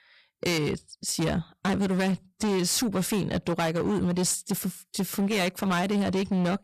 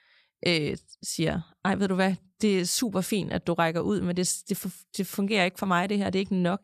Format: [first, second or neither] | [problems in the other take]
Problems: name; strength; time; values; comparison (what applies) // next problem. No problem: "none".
second | distortion; heavy; 19% of the sound clipped